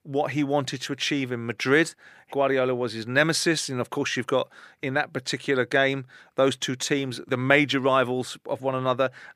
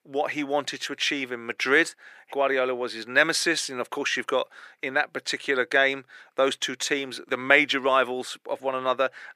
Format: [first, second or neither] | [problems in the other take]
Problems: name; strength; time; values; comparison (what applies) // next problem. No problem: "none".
first | thin; very slightly; fading below 350 Hz